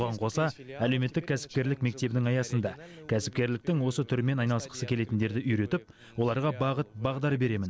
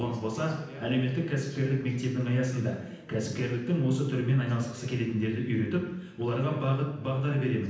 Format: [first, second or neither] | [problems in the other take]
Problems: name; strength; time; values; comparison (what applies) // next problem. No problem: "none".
first | room echo; dies away in 0.9 s